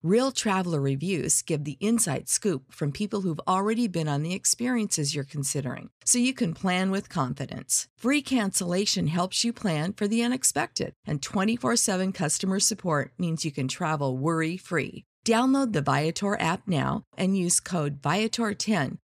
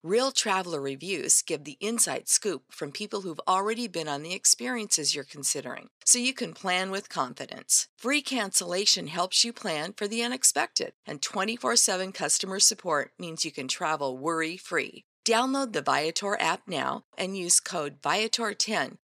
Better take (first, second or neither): first